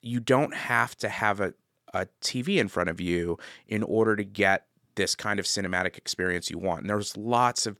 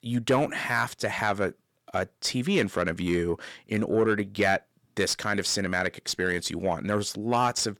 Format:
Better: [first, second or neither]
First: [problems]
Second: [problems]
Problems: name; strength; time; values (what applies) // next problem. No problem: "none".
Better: first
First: none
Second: distortion; slight; 10 dB below the speech